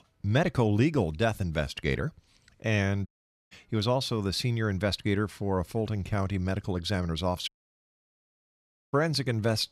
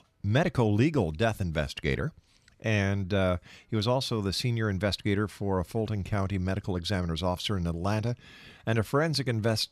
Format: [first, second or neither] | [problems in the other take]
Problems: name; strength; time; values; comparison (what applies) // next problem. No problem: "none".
second | audio cutting out; at 3 s and at 7.5 s for 1.5 s